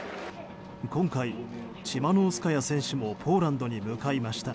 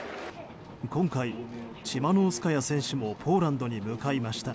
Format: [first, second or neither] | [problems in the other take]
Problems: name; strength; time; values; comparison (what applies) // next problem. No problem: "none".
second | background sound (Wind instrument, woodwind instrument); 19 dB below the speech